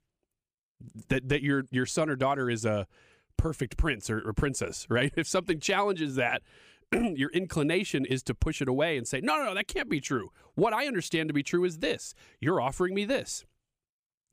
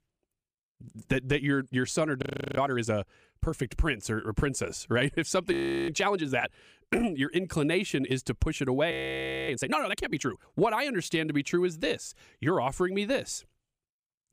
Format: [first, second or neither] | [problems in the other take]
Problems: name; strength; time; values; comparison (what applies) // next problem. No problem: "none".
first | audio freezing; at 2 s, at 5.5 s and at 9 s for 0.5 s